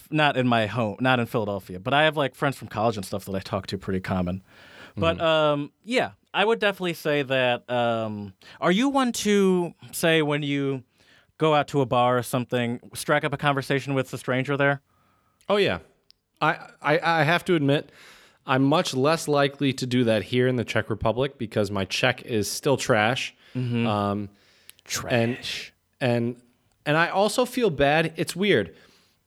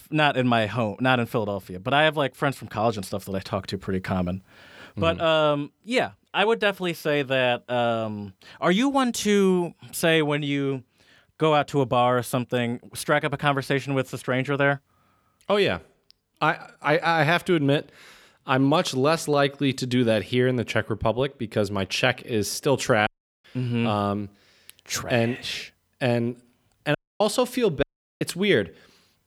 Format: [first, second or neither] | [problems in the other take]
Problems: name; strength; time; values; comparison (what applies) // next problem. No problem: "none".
first | audio cutting out; at 23 s, at 27 s and at 28 s